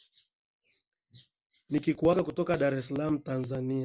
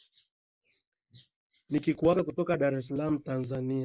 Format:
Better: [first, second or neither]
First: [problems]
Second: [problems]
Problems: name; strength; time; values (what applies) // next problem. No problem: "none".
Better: first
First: none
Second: noise reduction (neural mask model Resemble Enhance denoiser)